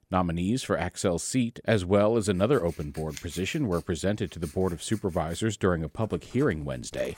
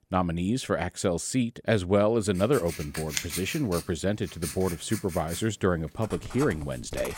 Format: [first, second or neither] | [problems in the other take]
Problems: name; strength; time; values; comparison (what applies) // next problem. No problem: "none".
first | household noises; loud; from 2.5 s on; 10 dB below the speech; faint in the first